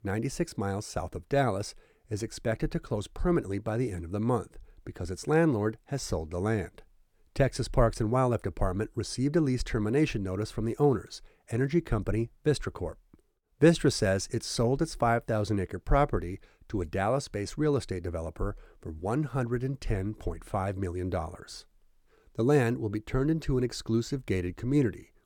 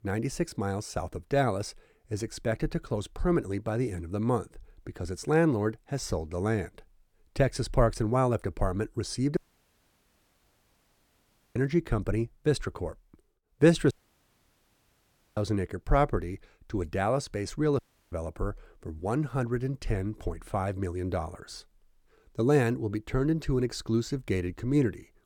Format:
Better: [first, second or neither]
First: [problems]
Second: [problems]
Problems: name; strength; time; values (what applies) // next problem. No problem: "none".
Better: first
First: none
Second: audio cutting out; at 9.5 s for 2 s, at 14 s for 1.5 s and at 18 s